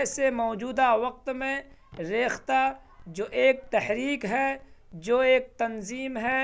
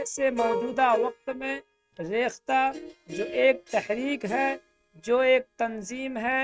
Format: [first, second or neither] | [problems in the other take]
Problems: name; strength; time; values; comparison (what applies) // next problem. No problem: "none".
first | noise reduction (neural mask model RNNoise)